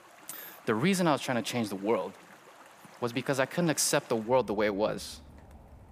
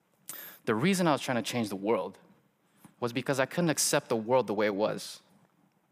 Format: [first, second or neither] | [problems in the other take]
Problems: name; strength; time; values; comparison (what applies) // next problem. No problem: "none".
second | rain or running water; faint; throughout; 25 dB below the speech